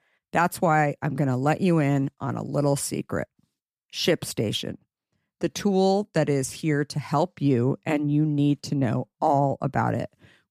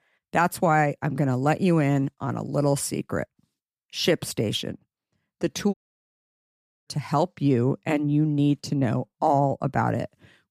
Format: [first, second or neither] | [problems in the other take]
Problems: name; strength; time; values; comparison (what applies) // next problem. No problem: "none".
first | audio cutting out; at 5.5 s for 1 s